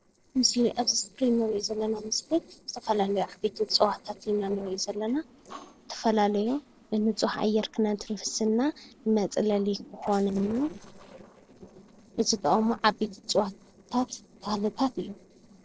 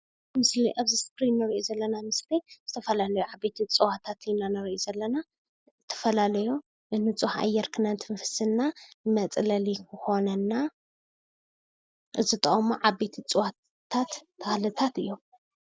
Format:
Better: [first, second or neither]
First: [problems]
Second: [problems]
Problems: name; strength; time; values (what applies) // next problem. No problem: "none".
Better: second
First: noise reduction (neural separator model SepFormer DNS4)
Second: none